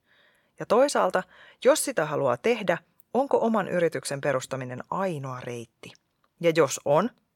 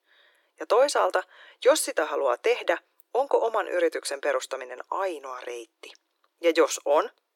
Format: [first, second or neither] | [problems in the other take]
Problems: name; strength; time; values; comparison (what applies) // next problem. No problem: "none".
first | thin; very; fading below 300 Hz